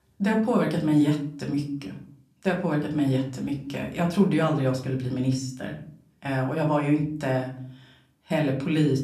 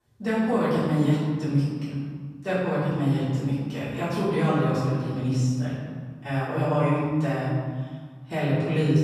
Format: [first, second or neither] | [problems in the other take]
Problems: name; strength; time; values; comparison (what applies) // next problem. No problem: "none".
first | room echo; strong; dies away in 1.9 s; slight in the first // off-mic speech; far; somewhat distant in the first